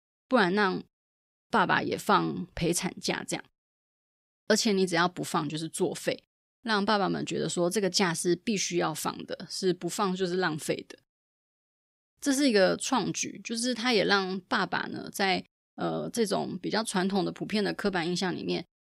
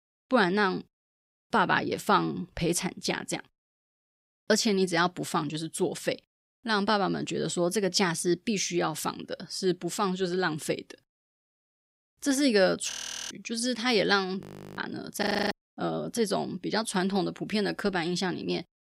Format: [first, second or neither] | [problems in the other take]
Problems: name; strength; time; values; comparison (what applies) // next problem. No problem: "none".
first | audio freezing; at 13 s, at 14 s and at 15 s